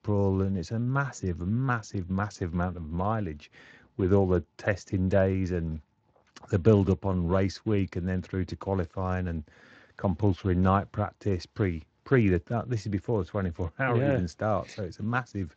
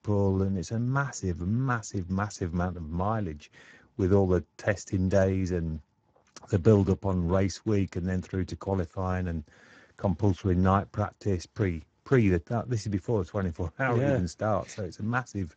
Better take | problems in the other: first | garbled, watery; badly; nothing above 7.5 kHz; slightly in the first

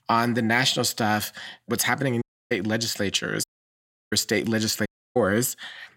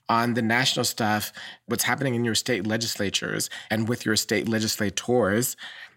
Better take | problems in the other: second | audio cutting out; at 2 s, at 3.5 s for 0.5 s and at 5 s

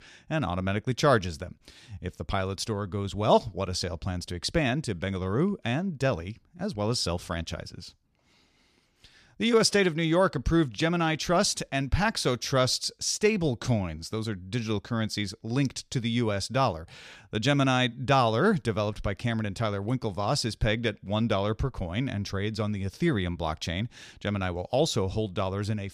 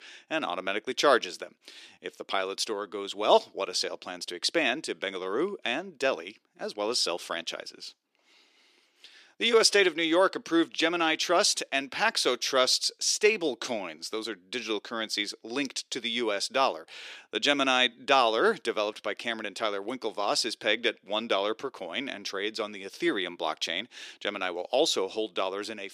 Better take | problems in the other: first | thin; somewhat; fading below 350 Hz

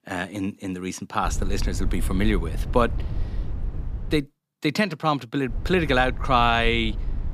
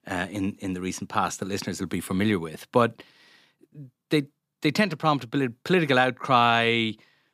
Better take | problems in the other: second | low rumble; faint; from 1 to 4 s and from 5.5 s on; 20 dB below the speech

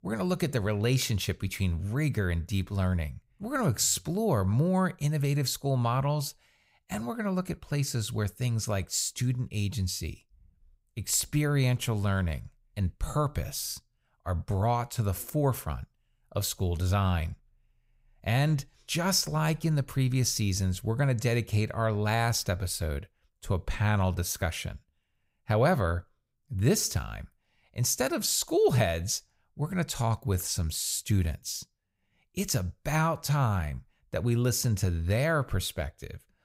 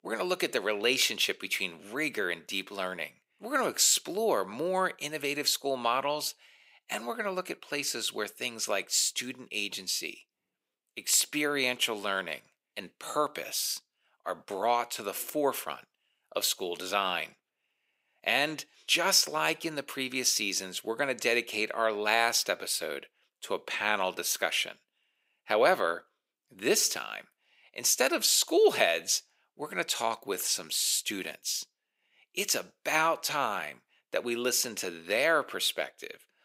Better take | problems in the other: first | thin; very; fading below 300 Hz

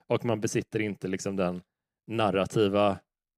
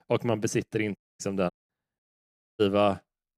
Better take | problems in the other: first | audio cutting out; at 1 s, at 1.5 s and at 2 s for 0.5 s

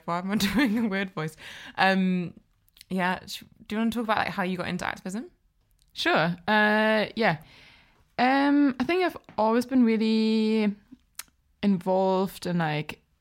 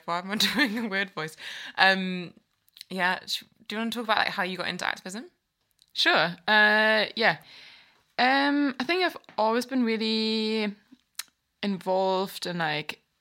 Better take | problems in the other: first | thin; very slightly; fading below 800 Hz

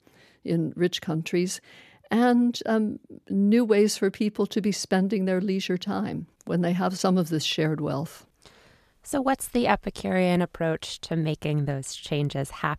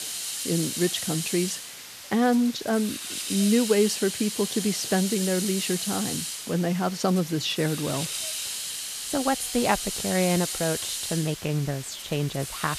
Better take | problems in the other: first | hiss; loud; throughout; 4 dB below the speech

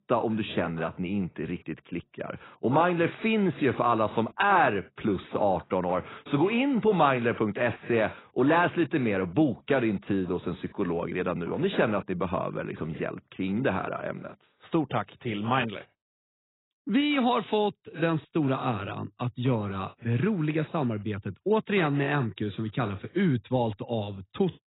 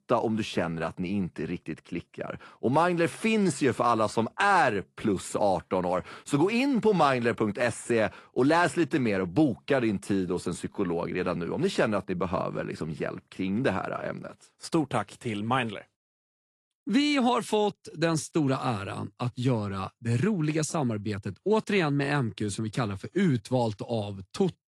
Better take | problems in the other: second | garbled, watery; badly; nothing above 4 kHz; slightly in the second

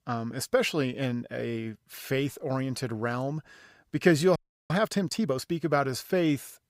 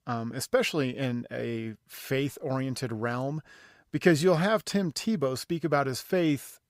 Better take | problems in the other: second | audio freezing; at 4.5 s

